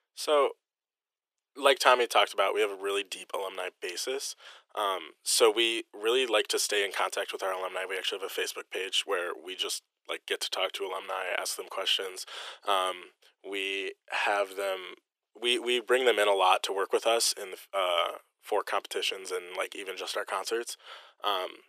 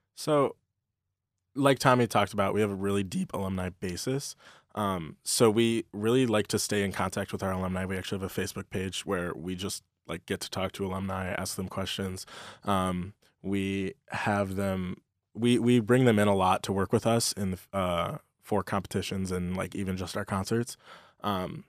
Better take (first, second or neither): second